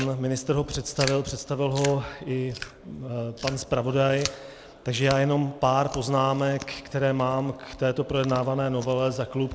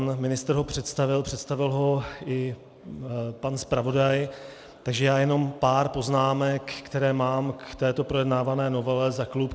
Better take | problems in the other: second | background sound (Chewing, mastication); 15 dB below the speech

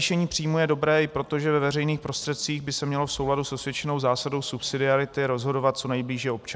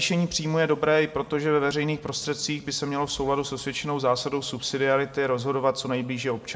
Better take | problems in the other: first | room echo; dies away in 2.4 s

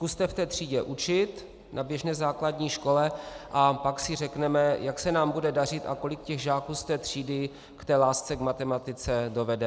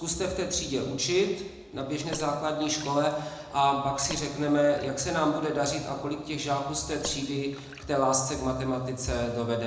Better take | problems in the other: first | background sound (Water / Splash, splatter); 19 dB below the speech // room echo; dies away in 0.9 s

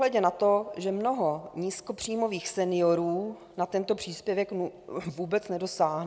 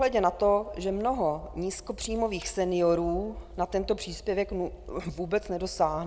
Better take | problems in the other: first | background sound (Fire); 15 dB below the speech

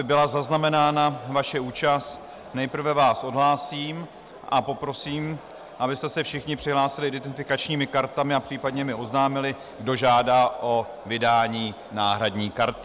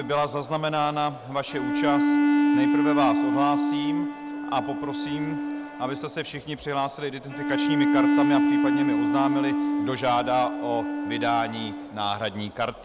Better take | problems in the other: first | background sound (Bowed string instrument); 3 dB above the speech

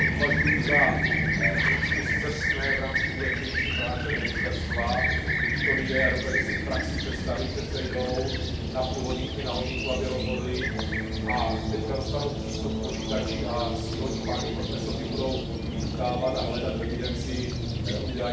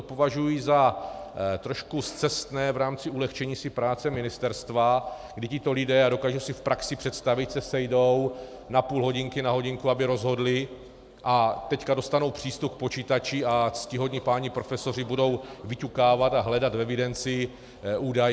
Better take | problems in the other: second | background sound (Fixed-wing aircraft, airplane); 5 dB above the speech // room echo; dies away in 0.4 s

